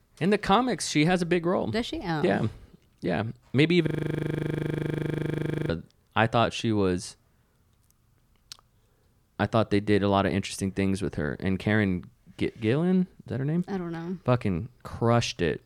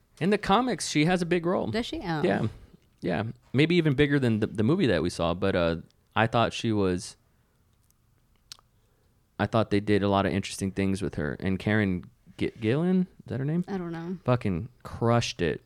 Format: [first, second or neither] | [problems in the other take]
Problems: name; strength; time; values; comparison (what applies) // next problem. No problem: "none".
second | audio freezing; at 4 s for 2 s